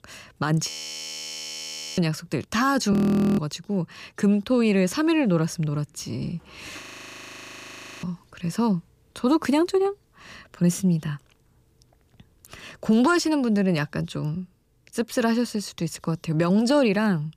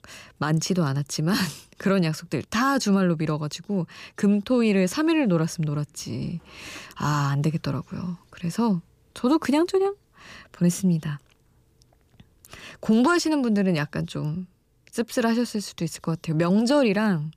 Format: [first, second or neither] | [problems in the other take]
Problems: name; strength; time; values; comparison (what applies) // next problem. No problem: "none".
second | audio freezing; at 0.5 s for 1.5 s, at 3 s and at 7 s for 1 s